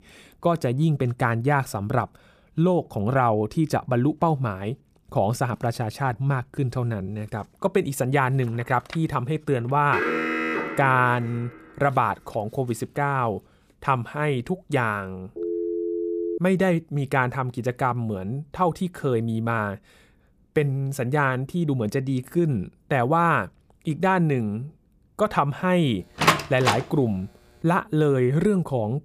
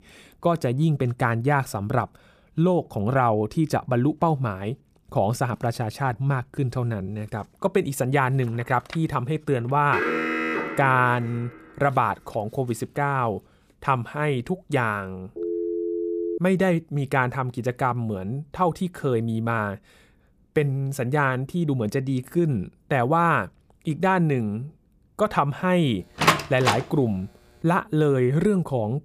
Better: neither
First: alarm; loud; from 10 to 11 s; peak level with the speech // phone ringing; noticeable; from 15 to 16 s; peak 3 dB below the speech // door banging; loud; at 26 s; peak 4 dB above the speech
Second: alarm; loud; from 10 to 11 s; peak level with the speech // phone ringing; noticeable; from 15 to 16 s; peak 3 dB below the speech // door banging; loud; at 26 s; peak 4 dB above the speech

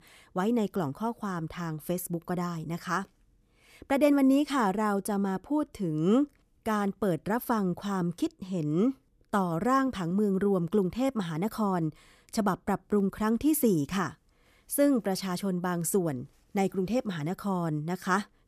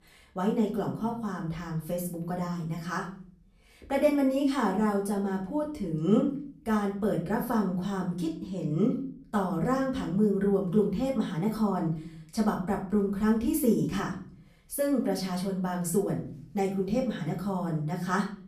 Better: first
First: none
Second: room echo; slight; dies away in 0.4 s // off-mic speech; far

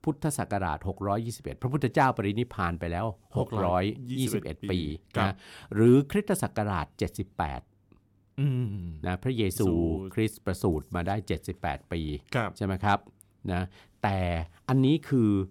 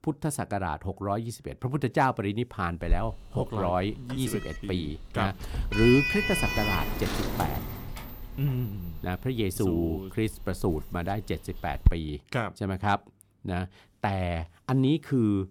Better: first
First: none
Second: door banging; loud; from 3 to 12 s; peak 4 dB above the speech

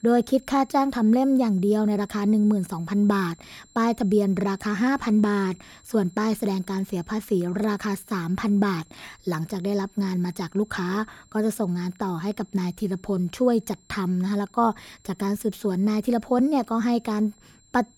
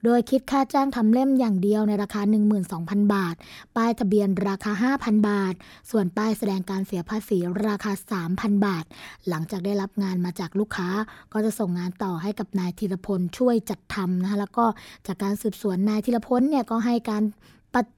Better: second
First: high-pitched whine; faint; throughout; 7.5 kHz, 30 dB below the speech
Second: none

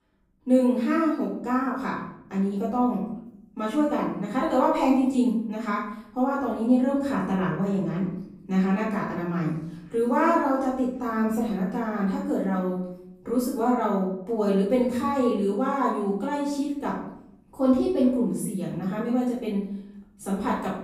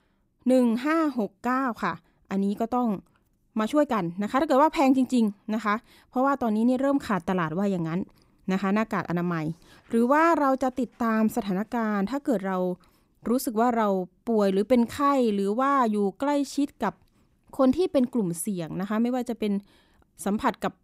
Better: second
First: off-mic speech; far // room echo; noticeable; dies away in 0.7 s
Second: none

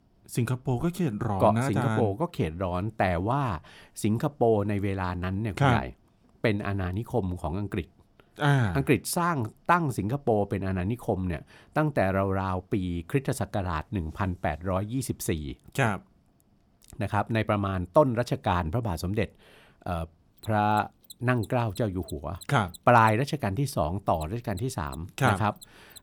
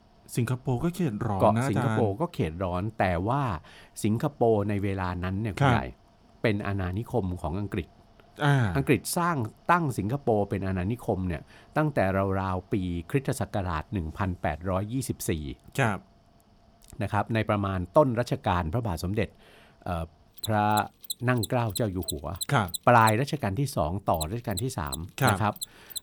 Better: first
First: machinery noise; faint; throughout; 20 dB below the speech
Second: machinery noise; loud; throughout; 9 dB below the speech

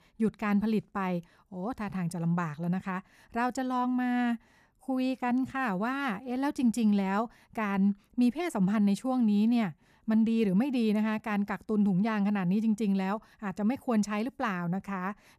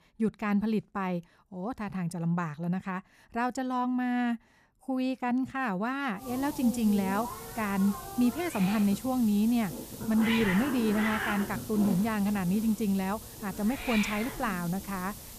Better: first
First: none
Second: hiss; loud; from 6 s on; 7 dB below the speech

